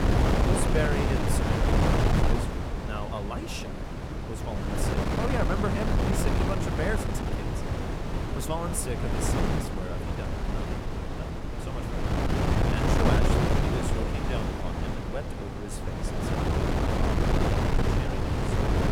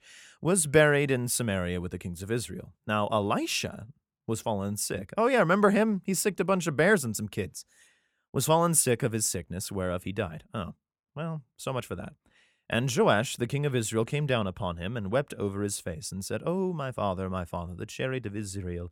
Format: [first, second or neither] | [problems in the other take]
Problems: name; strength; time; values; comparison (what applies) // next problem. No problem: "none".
second | wind noise on the microphone; heavy; 5 dB above the speech